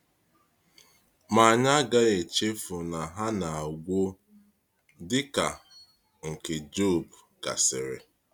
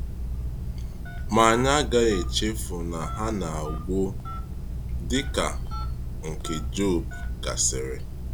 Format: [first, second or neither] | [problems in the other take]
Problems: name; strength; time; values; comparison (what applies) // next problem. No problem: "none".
first | background sound (Telephone); 3 dB below the speech